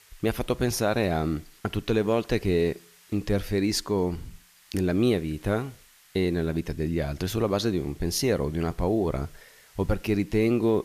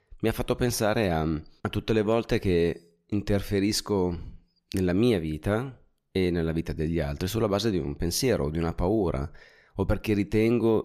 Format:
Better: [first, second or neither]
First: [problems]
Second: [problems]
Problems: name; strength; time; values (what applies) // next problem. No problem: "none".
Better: second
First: hiss; faint; throughout; 25 dB below the speech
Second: none